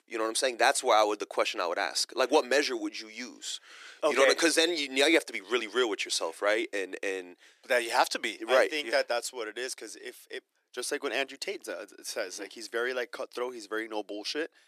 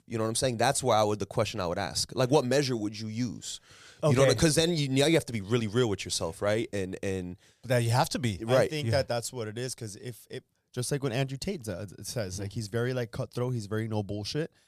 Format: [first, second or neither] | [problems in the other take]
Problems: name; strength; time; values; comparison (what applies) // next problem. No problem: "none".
second | thin; very; fading below 300 Hz